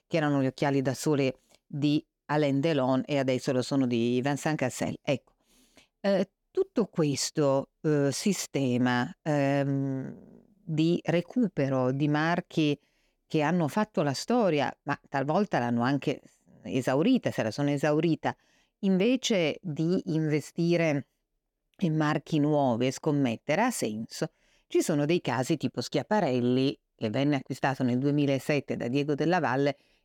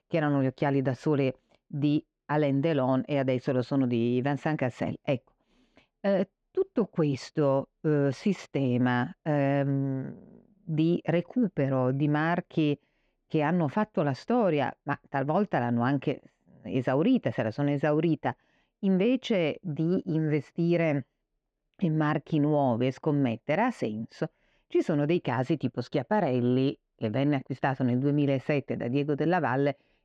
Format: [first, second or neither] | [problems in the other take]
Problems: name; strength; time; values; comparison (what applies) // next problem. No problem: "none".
first | muffled; slightly; fading above 2.5 kHz